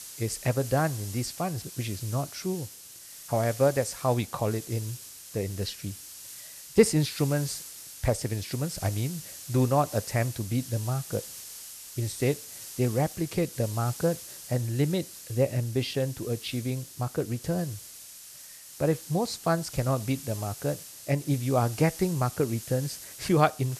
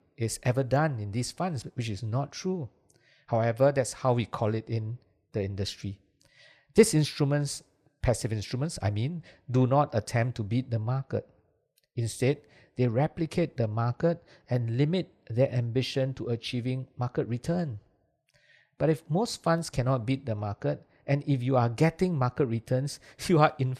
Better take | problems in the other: second | hiss; noticeable; throughout; 10 dB below the speech

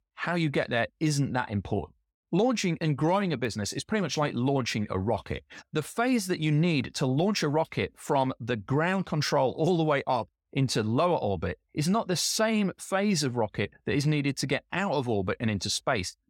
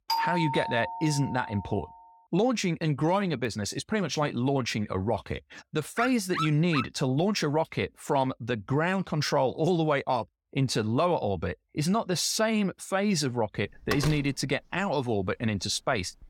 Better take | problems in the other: first | doorbell; noticeable; until 1.5 s; peak level with the speech // dog barking; noticeable; at 6 s; peak 5 dB below the speech // door banging; noticeable; from 14 s on; peak 5 dB below the speech

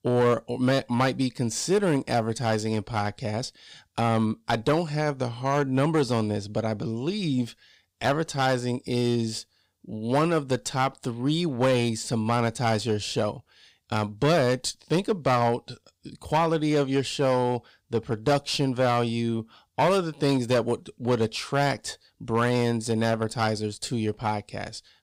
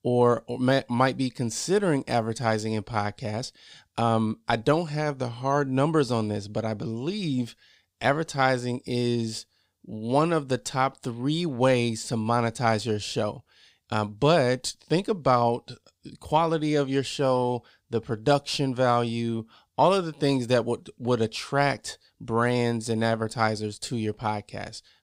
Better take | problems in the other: second | distortion; slight; 4% of the sound clipped

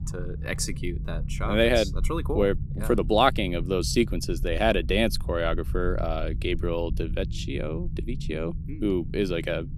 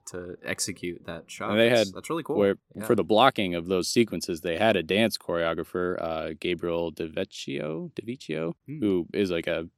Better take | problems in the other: second | low rumble; faint; throughout; 20 dB below the speech

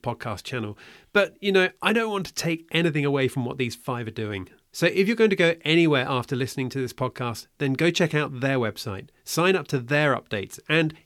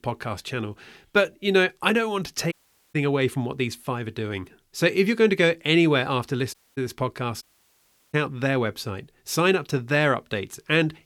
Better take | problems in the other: first | audio cutting out; at 2.5 s, at 6.5 s and at 7.5 s for 0.5 s

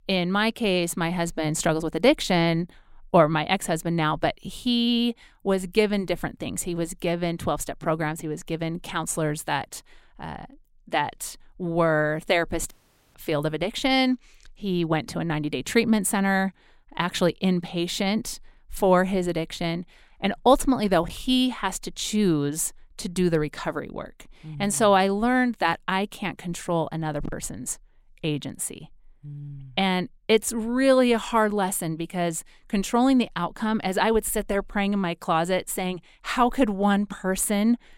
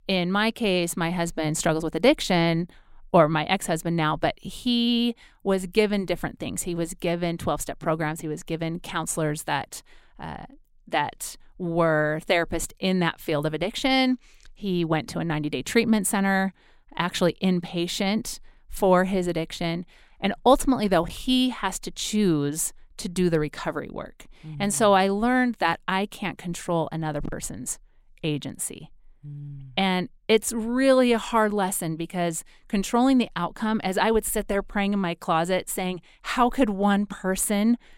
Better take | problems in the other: second | audio cutting out; at 13 s

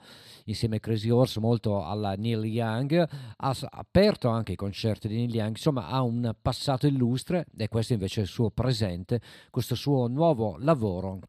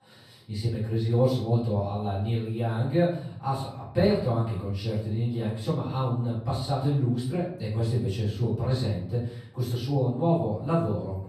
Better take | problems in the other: first | off-mic speech; far // room echo; noticeable; dies away in 0.6 s

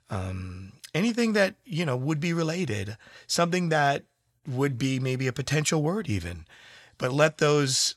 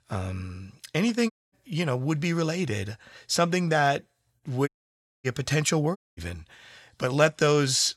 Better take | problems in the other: first | audio cutting out; at 1.5 s, at 4.5 s for 0.5 s and at 6 s

